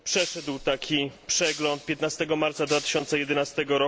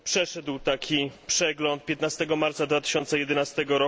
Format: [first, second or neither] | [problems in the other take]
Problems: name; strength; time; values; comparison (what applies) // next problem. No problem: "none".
second | background sound (Shatter); 14 dB below the speech